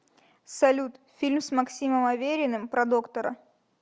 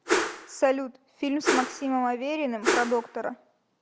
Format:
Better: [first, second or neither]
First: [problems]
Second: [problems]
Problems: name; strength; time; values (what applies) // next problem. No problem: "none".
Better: first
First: none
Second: background sound (Whoosh, swoosh, swish); 2 dB below the speech